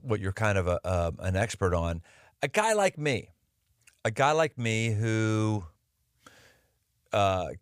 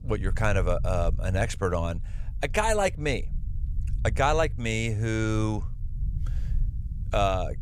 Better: first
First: none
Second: low rumble; faint; throughout; 25 dB below the speech

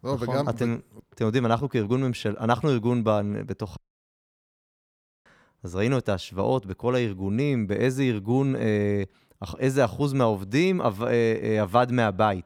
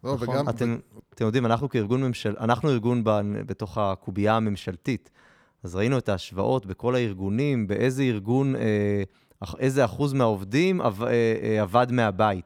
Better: second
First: audio cutting out; at 4 s for 1.5 s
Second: none

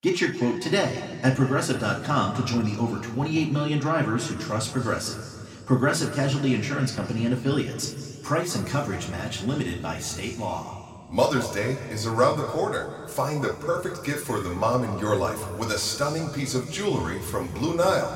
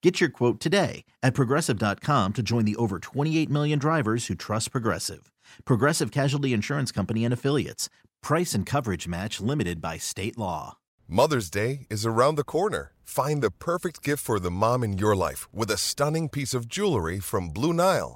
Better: second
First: room echo; slight; dies away in 2 s // off-mic speech; somewhat distant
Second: none

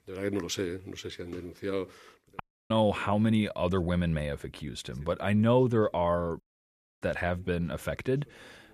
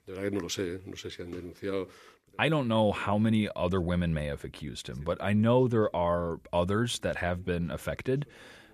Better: second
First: audio cutting out; at 2.5 s and at 6.5 s for 0.5 s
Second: none

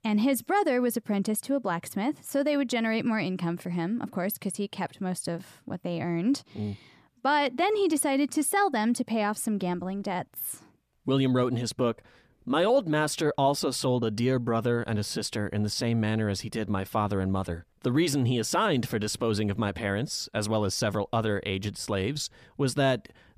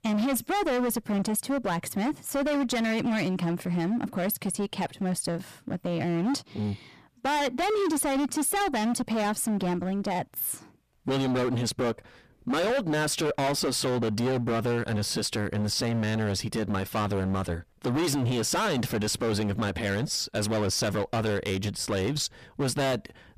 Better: first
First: none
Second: distortion; heavy; 25% of the sound clipped

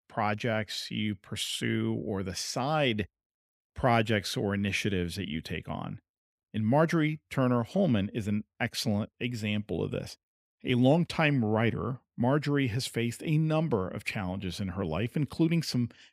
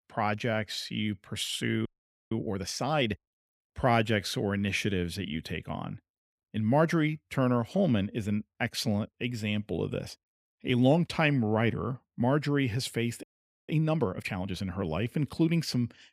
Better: first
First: none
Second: audio freezing; at 2 s and at 13 s

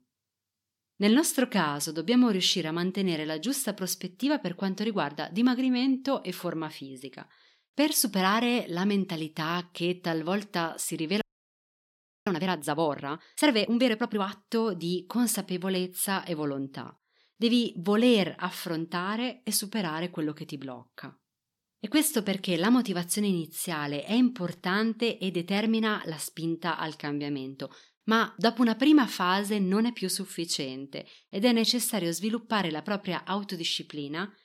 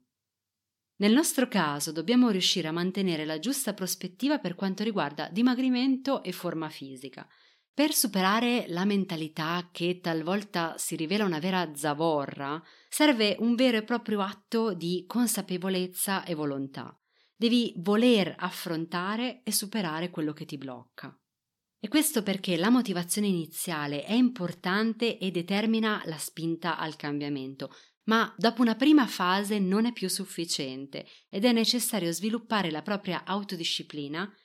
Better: second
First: audio freezing; at 11 s for 1 s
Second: none

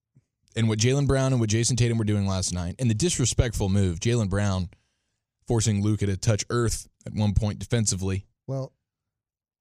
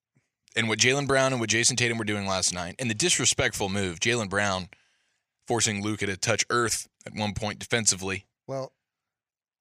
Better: first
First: none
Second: thin; somewhat; fading below 500 Hz

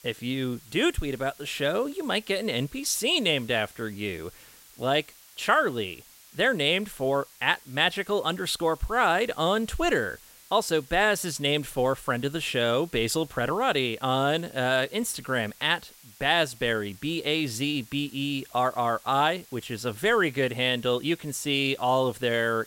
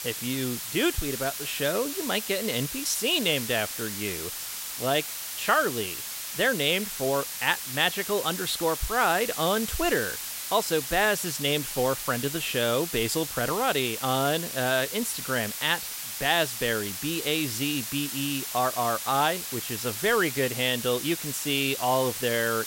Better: first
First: hiss; faint; throughout; 25 dB below the speech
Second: hiss; loud; throughout; 5 dB below the speech

